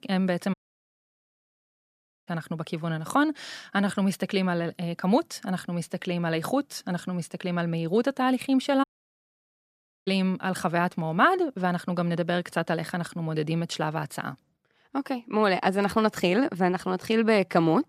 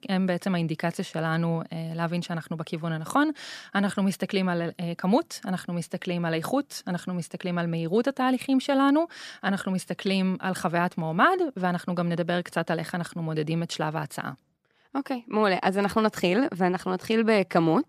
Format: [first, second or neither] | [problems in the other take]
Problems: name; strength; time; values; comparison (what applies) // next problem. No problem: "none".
second | audio cutting out; at 0.5 s for 1.5 s and at 9 s for 1 s